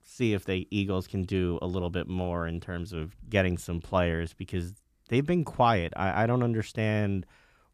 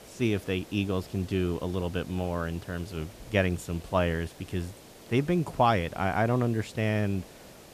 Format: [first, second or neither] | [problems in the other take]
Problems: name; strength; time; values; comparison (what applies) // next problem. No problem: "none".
first | hiss; noticeable; throughout; 20 dB below the speech